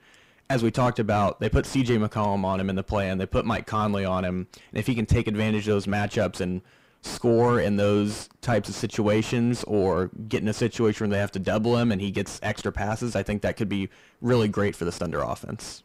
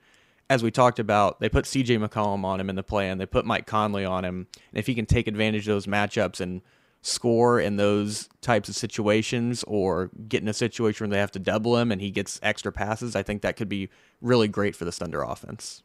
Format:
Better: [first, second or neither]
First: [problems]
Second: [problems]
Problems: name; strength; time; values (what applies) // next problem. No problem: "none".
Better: second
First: distortion; heavy; 7 dB below the speech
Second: none